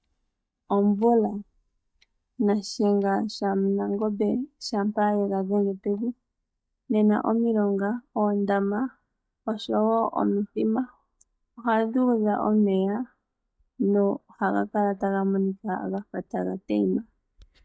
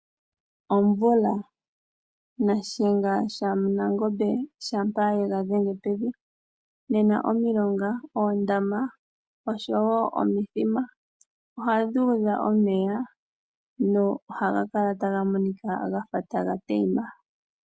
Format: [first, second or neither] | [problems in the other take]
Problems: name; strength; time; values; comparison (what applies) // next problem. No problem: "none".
second | noise reduction (neural mask model DeepFilterNet 3)